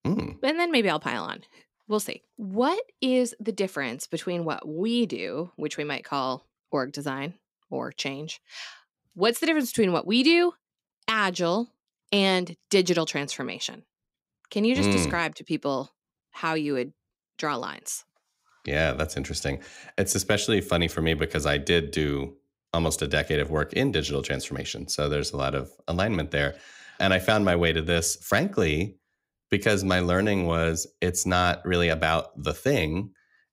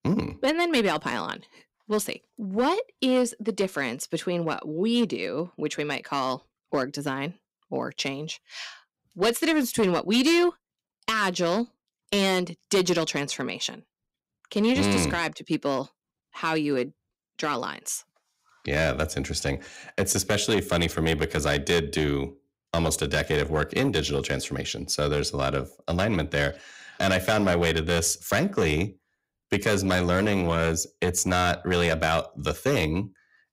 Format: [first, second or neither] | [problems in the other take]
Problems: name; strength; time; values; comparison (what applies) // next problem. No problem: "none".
first | distortion; slight; 4% of the sound clipped